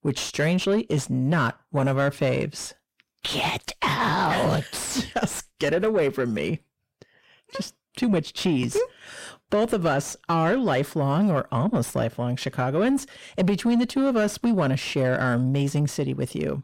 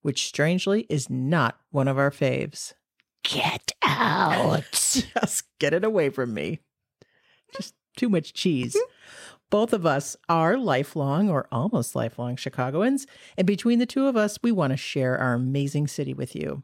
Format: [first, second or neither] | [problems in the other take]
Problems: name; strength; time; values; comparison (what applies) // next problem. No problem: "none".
second | distortion; slight; 9 dB below the speech